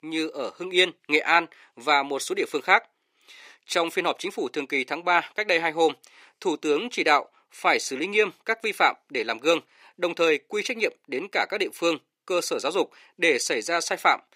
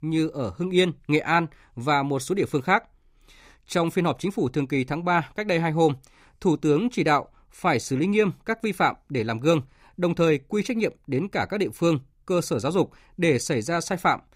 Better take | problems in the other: second | thin; somewhat; fading below 400 Hz

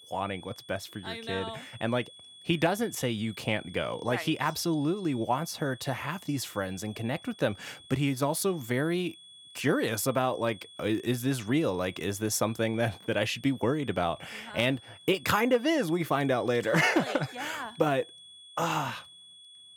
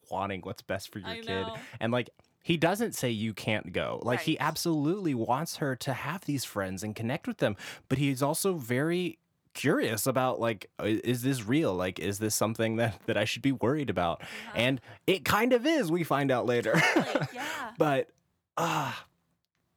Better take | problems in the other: second | high-pitched whine; noticeable; throughout; 3.5 kHz, 20 dB below the speech

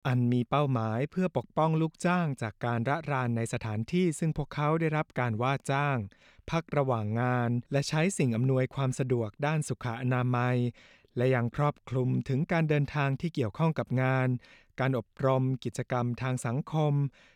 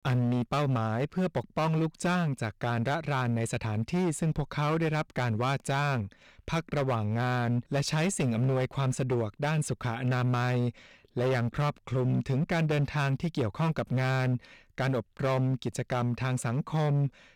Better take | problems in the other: first | distortion; slight; 16% of the sound clipped

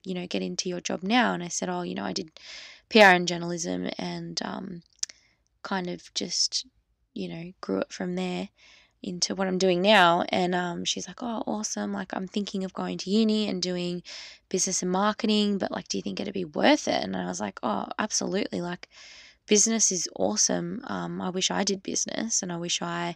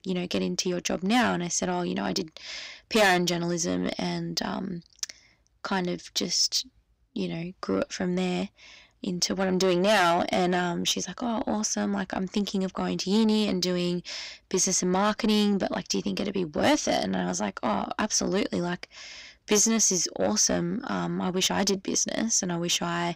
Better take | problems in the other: first | distortion; heavy; 7 dB below the speech

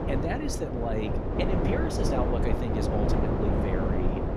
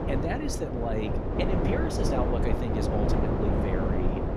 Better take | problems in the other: neither | wind noise on the microphone; heavy; 2 dB above the speech; the same in both

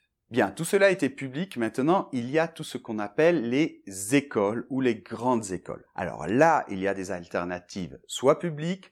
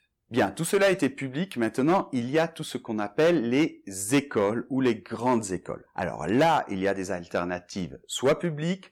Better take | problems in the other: first | distortion; slight; 4% of the sound clipped

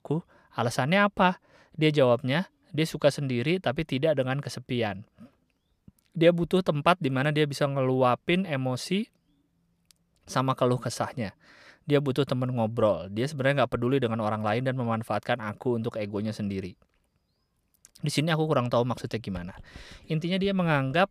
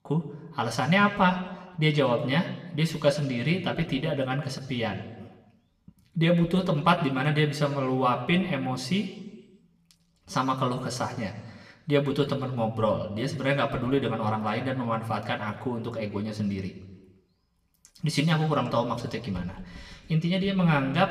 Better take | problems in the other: first | room echo; very slight; dies away in 1 s

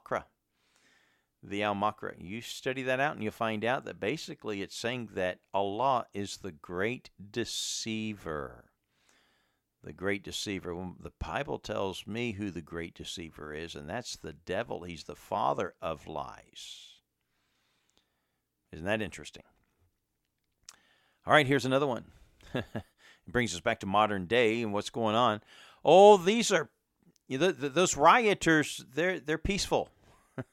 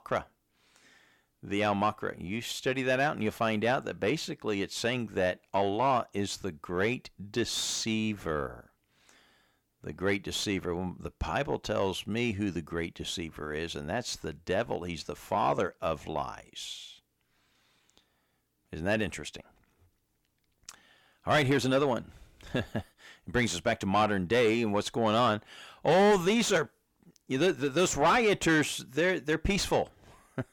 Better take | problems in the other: first | distortion; heavy; 6 dB below the speech

